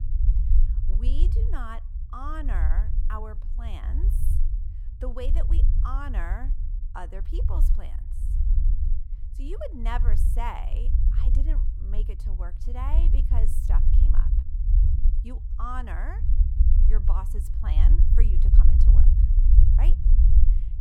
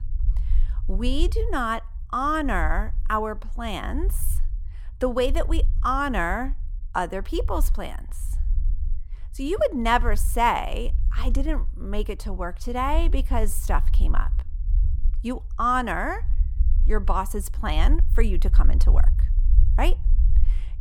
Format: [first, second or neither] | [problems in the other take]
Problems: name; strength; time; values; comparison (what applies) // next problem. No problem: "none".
second | low rumble; loud; throughout; 6 dB below the speech; faint in the second